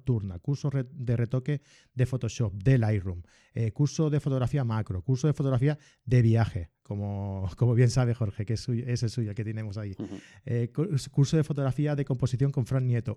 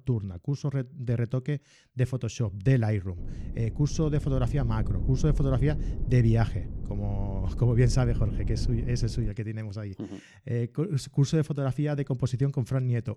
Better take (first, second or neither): first